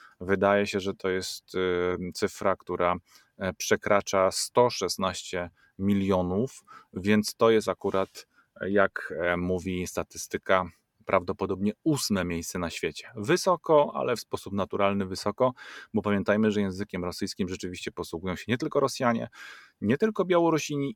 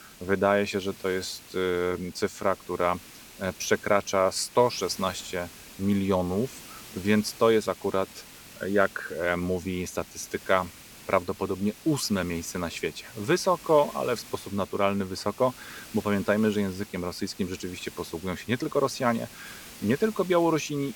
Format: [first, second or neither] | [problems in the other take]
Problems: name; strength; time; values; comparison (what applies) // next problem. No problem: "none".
first | hiss; noticeable; throughout; 20 dB below the speech